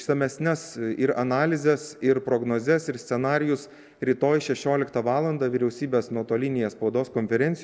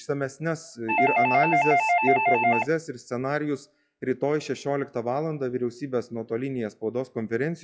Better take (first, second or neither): first